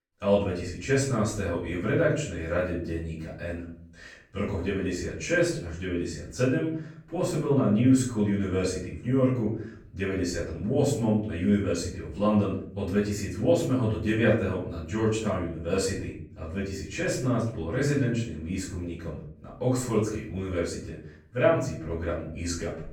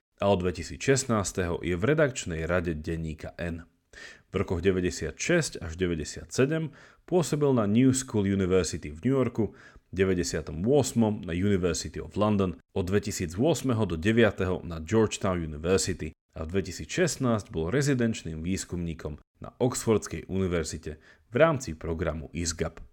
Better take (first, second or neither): second